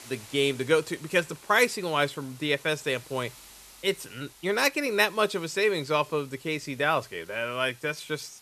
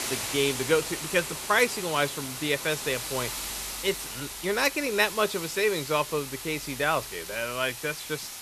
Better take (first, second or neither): first